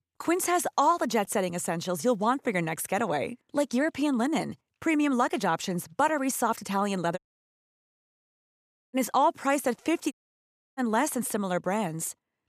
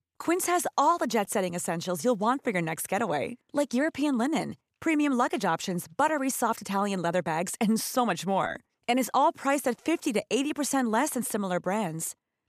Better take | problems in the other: second | audio cutting out; at 7 s for 2 s and at 10 s for 0.5 s

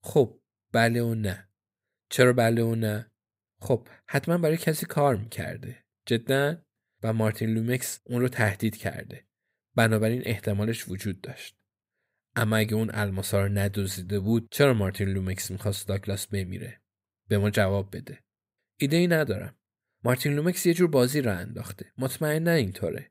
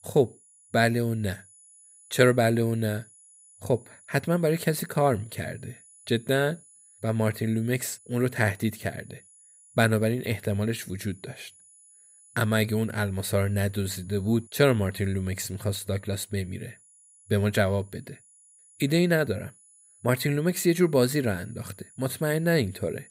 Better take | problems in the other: first | high-pitched whine; faint; throughout; 10 kHz, 25 dB below the speech

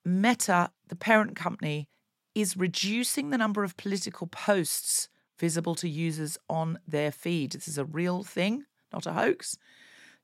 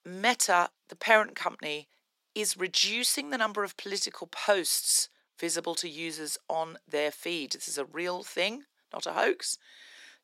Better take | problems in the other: first | thin; somewhat; fading below 350 Hz

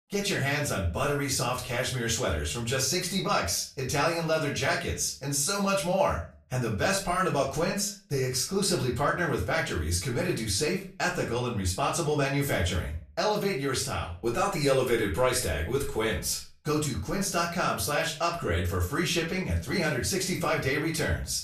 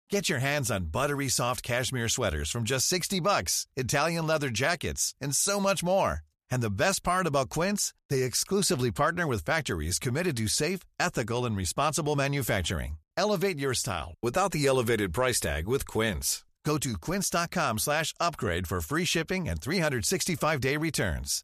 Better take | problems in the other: second | off-mic speech; far // room echo; slight; dies away in 0.3 s

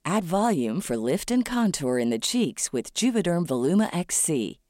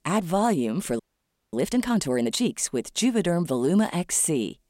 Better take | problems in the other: first | audio freezing; at 1 s for 0.5 s

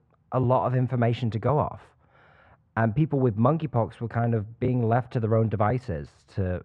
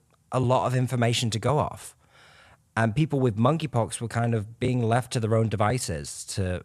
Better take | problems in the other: second | muffled; very; fading above 1.5 kHz

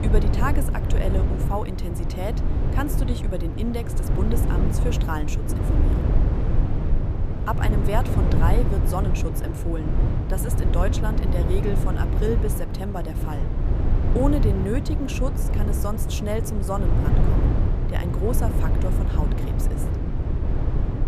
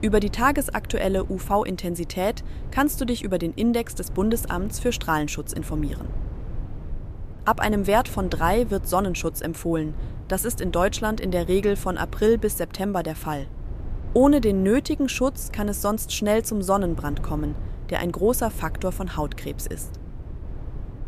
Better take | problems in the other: second | low rumble; loud; throughout; 3 dB below the speech; faint in the second

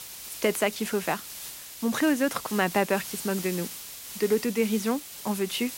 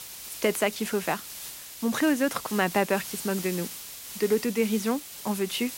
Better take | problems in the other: neither | hiss; loud; throughout; 9 dB below the speech; the same in both

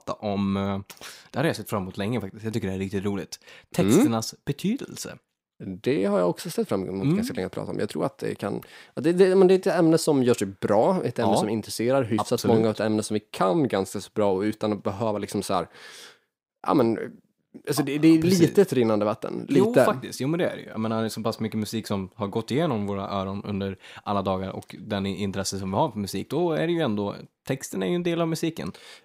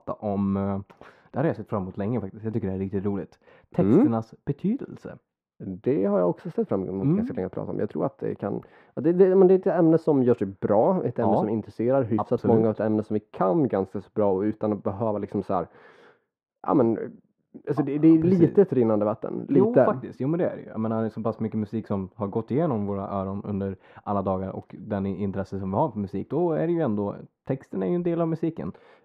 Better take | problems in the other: first | muffled; very; fading above 3 kHz

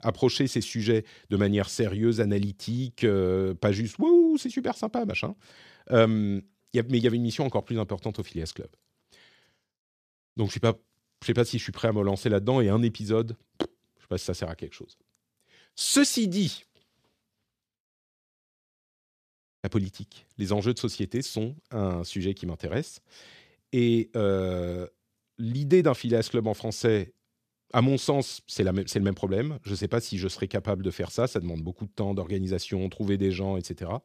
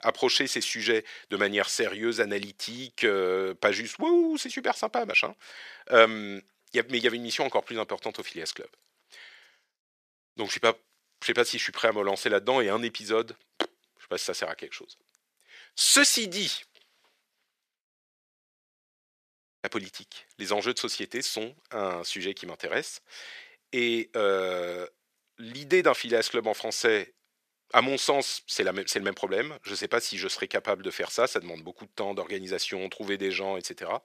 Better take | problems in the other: first | thin; very; fading below 550 Hz

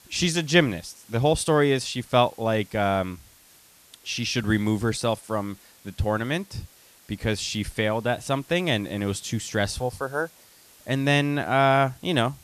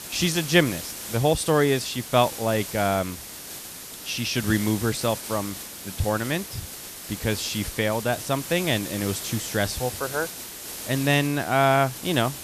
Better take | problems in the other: first | hiss; loud; throughout; 9 dB below the speech; faint in the first

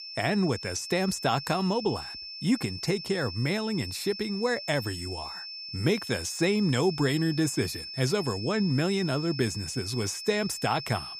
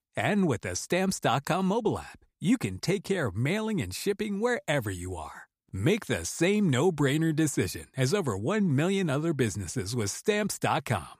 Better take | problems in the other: second | high-pitched whine; loud; throughout; 5.5 kHz, 9 dB below the speech

